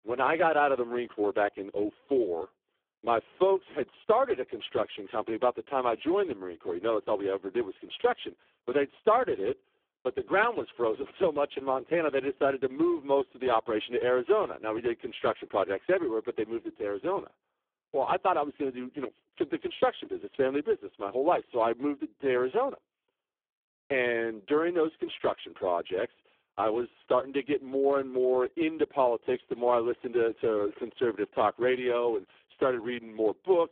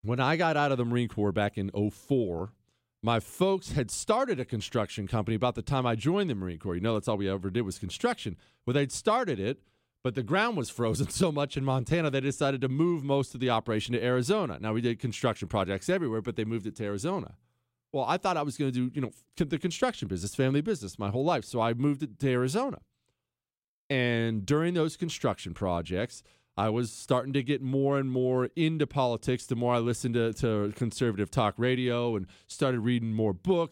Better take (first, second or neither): second